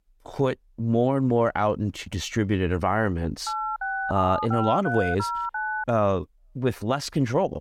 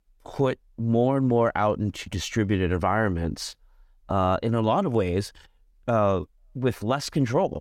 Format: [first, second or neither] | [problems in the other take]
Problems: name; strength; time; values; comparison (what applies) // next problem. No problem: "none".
second | phone ringing; noticeable; from 3.5 to 6 s; peak 3 dB below the speech